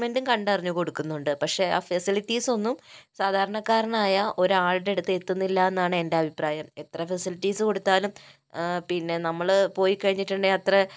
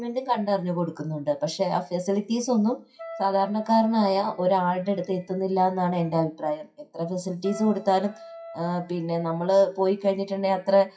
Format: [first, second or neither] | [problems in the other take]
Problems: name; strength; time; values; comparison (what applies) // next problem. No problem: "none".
first | noise reduction (classical method WPE with log-MMSE)